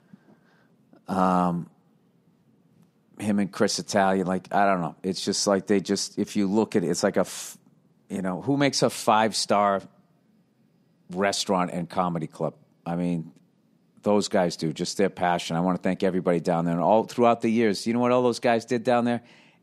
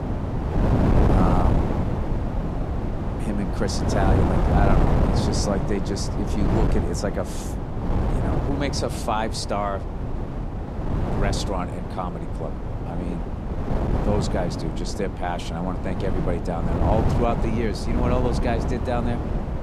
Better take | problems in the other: first | wind noise on the microphone; heavy; 2 dB below the speech

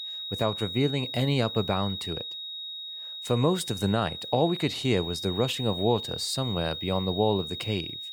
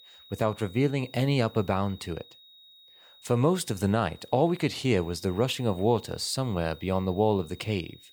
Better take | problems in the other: second | high-pitched whine; loud; throughout; 4 kHz, 6 dB below the speech; faint in the second

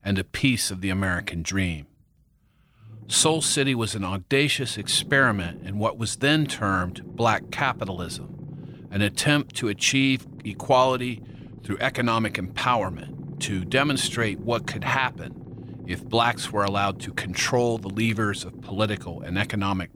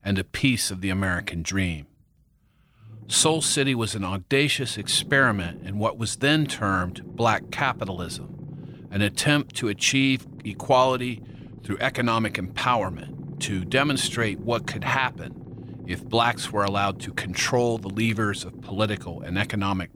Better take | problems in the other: neither | low rumble; faint; throughout; 25 dB below the speech; the same in both

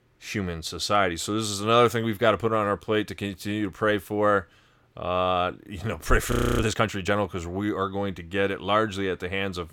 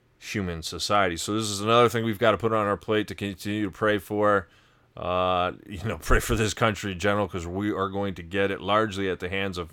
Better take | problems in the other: second | audio freezing; at 6.5 s

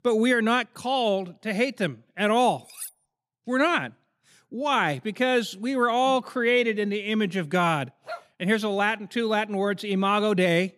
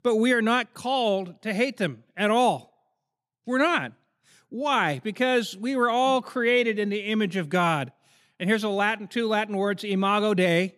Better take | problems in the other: second | clattering dishes; faint; at 2.5 s; peak 15 dB below the speech // dog barking; faint; at 8 s; peak 15 dB below the speech

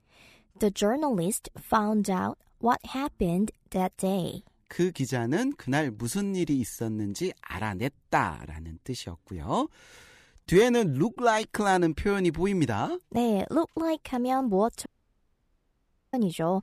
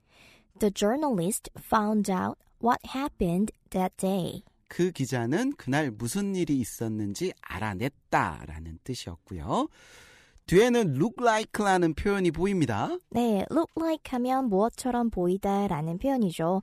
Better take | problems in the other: second | audio cutting out; at 15 s for 1.5 s

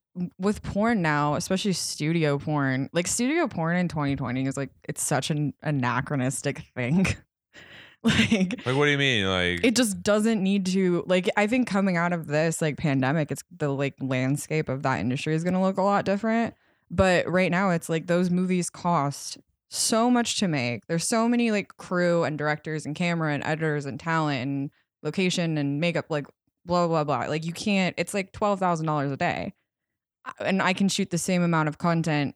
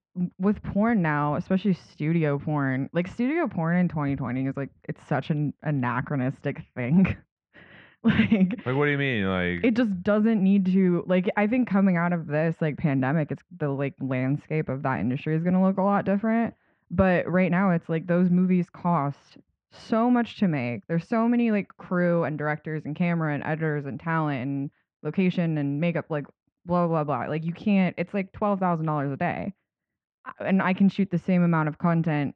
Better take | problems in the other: first | muffled; very; fading above 2.5 kHz

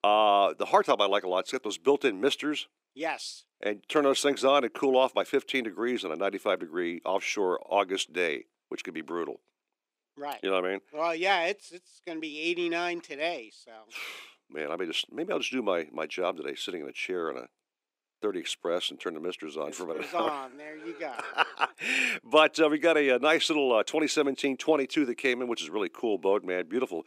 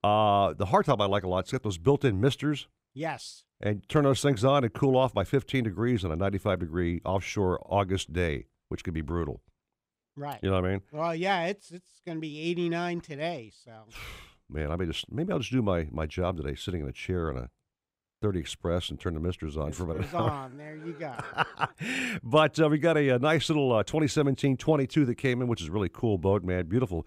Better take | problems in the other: second | thin; somewhat; fading below 300 Hz

